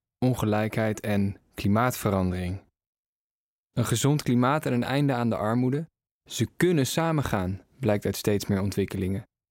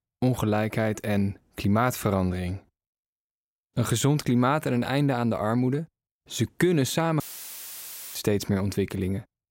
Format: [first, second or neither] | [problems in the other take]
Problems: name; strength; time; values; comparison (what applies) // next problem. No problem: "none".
first | audio cutting out; filled with static; at 7 s for 1 s